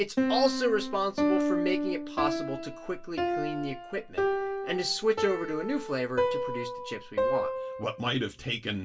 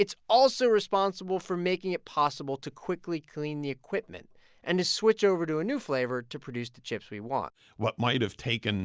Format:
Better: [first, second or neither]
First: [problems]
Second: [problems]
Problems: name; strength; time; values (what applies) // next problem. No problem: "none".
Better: second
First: background sound (Piano); as loud as the speech // room echo; dies away in 0.2 s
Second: none